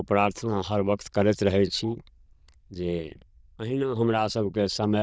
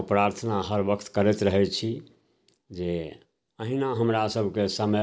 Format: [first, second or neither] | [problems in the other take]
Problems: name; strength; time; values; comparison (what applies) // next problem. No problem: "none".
second | noise reduction (neural diffusion model UNIVERSE++)